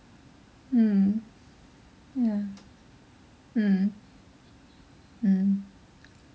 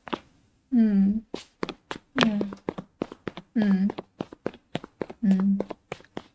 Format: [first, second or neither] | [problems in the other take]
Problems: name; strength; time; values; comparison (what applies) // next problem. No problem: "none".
first | noise reduction (neural mask model RNNoise)